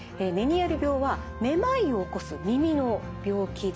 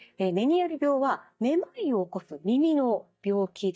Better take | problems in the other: first | noise reduction (neural mask model DeepFilterNet 3)

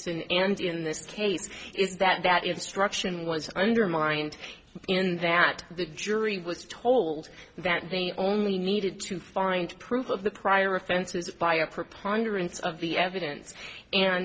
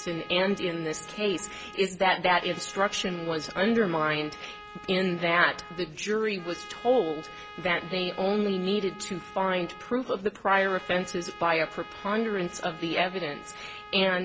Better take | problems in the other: first | background sound (Trumpet); 17 dB below the speech

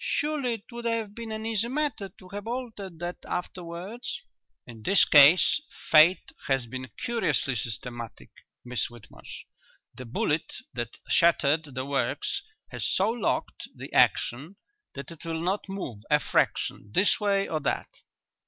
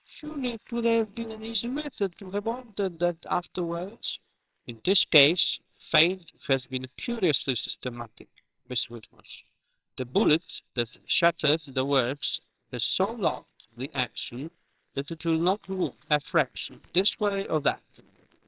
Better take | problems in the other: first | noise reduction (neural separator model SepFormer WHAMR!)

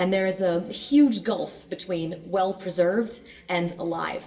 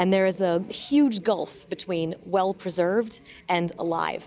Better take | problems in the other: second | room echo; dies away in 0.7 s

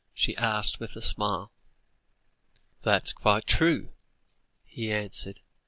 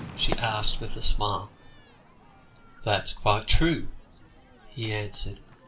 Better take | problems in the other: first | background sound (Crowd / Fireworks); 17 dB below the speech // room echo; dies away in 0.3 s

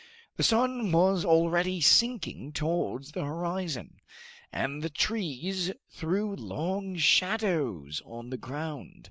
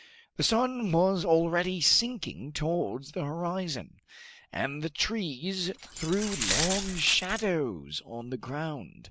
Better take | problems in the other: first | background sound (Glass); 3 dB below the speech

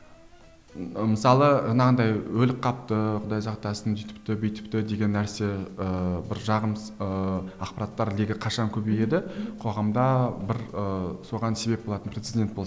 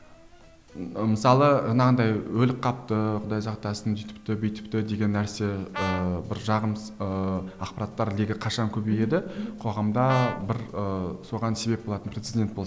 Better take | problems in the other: first | background sound (Brass instrument); 10 dB below the speech

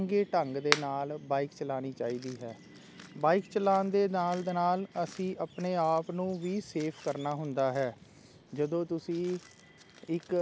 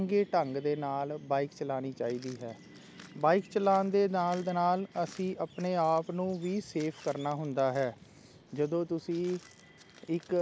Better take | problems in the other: second | background sound (Finger snapping); 4 dB below the speech

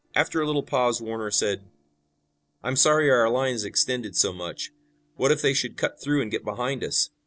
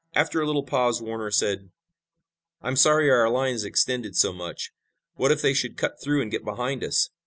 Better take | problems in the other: second | noise reduction (neural separator model SepFormer DNS4)

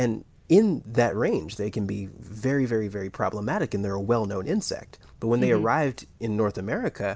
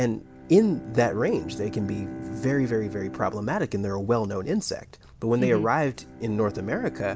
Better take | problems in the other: first | background sound (Bowed string instrument); 14 dB below the speech

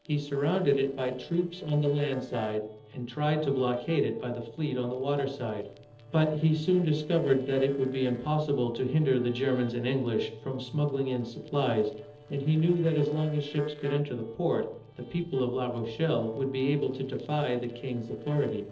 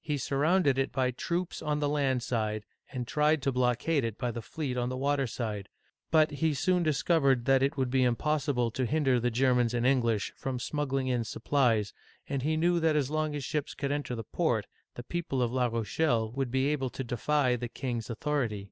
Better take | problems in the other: second | noise reduction (neural separator model SepFormer DNS4)

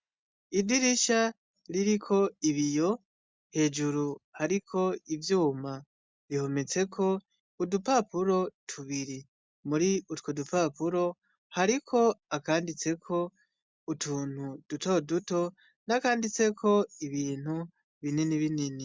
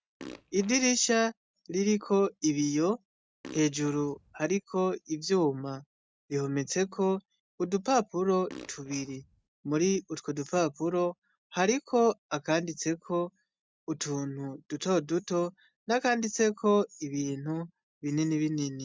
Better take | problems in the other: first | noise reduction (neural mask model RNNoise)

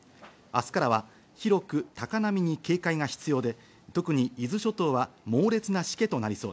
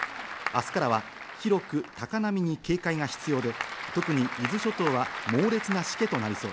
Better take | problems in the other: first | background sound (Applause / Crowd); 8 dB below the speech

